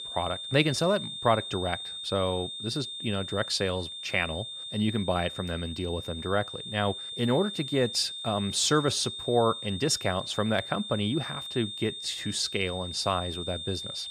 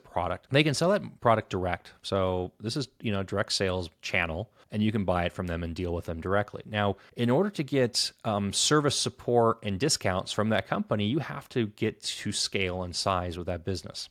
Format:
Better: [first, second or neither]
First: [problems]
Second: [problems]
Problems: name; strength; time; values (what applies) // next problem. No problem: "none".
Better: second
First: high-pitched whine; loud; throughout; 3.5 kHz, 7 dB below the speech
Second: none